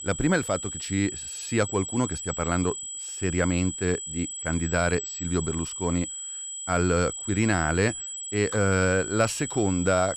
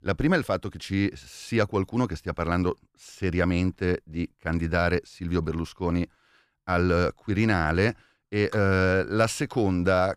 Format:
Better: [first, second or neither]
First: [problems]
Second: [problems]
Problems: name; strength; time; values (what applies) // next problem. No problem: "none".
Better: second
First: high-pitched whine; loud; throughout; 8 kHz, 6 dB below the speech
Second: none